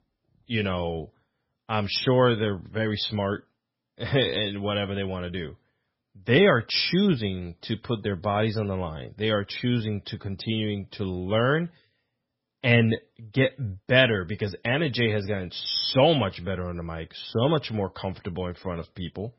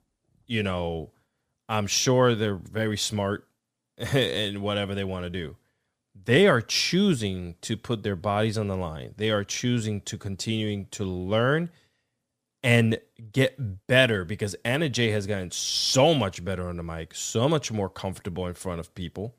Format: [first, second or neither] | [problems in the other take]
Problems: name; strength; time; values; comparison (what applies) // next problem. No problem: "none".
second | garbled, watery; badly; nothing above 5.5 kHz